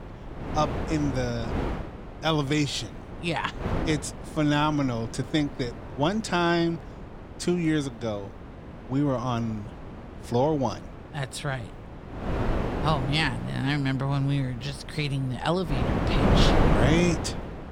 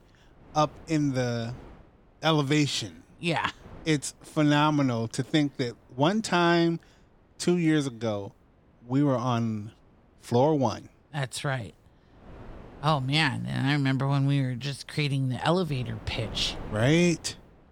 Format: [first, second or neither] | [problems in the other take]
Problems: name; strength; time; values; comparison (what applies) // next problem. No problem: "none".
second | wind noise on the microphone; heavy; 5 dB below the speech; occasional gusts in the second